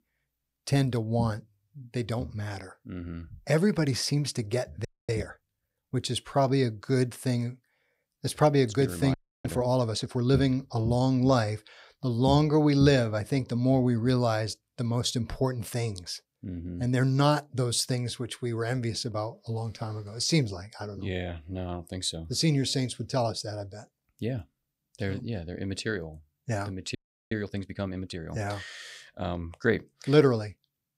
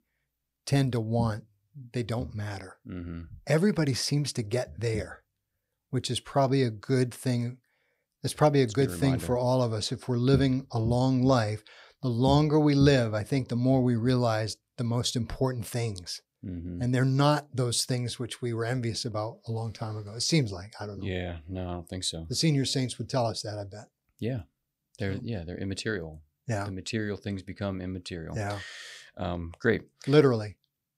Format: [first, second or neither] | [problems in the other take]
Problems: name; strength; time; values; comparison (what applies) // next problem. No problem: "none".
second | audio freezing; at 5 s, at 9 s and at 27 s